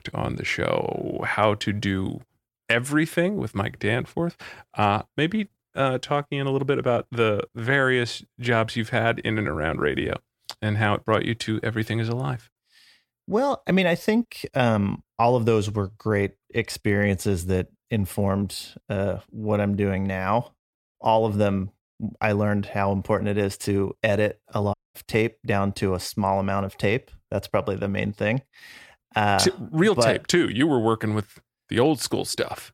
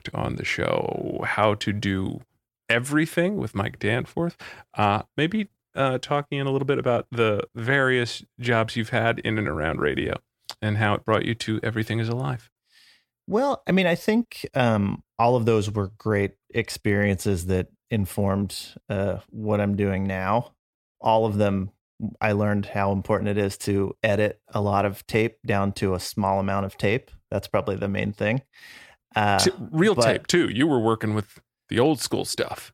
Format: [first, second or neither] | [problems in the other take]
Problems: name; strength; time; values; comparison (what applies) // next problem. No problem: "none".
second | audio cutting out; at 25 s